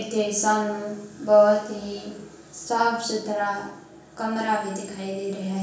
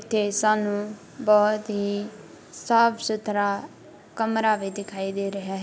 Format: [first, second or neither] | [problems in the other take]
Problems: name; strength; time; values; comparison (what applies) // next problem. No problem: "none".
second | room echo; dies away in 0.6 s